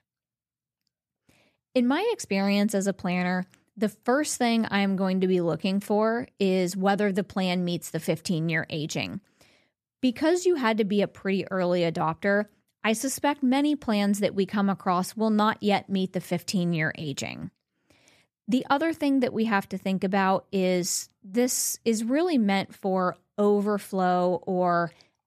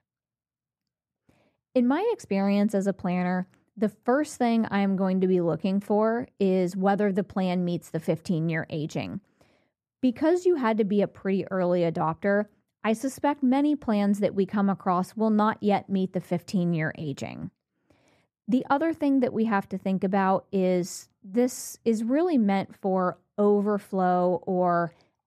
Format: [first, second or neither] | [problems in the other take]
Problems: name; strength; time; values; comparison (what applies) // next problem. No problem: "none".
first | muffled; slightly; fading above 2 kHz